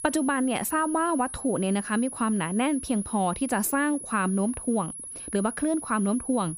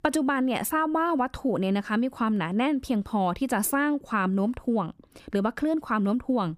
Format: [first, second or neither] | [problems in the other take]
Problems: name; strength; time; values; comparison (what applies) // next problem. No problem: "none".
second | high-pitched whine; loud; throughout; 10.5 kHz, 9 dB below the speech